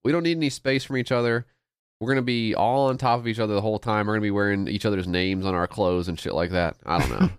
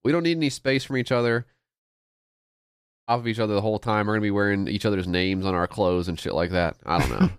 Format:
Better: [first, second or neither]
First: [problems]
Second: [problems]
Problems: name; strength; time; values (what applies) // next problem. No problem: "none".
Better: first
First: none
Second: audio cutting out; at 2 s for 1 s